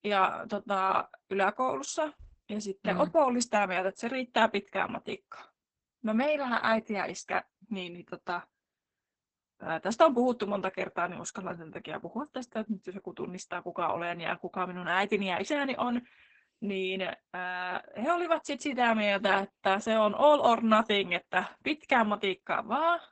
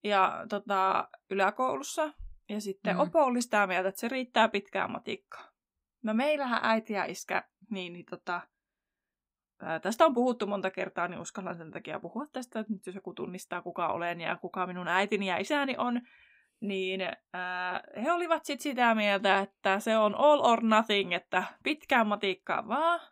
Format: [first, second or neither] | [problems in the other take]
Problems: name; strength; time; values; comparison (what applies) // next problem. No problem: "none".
second | garbled, watery; badly; nothing above 8 kHz